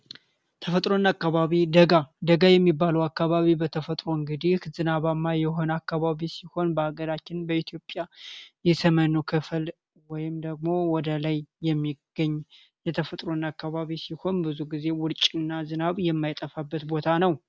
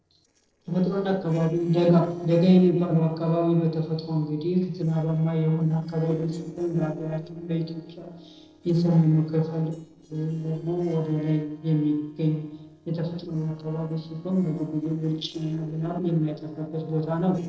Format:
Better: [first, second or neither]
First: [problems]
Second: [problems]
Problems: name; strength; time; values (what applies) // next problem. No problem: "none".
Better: first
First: none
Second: noise reduction (neural separator model SepFormer DNS4)